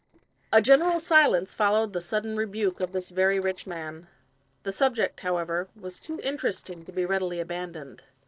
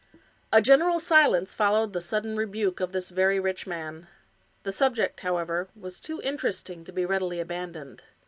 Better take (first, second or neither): second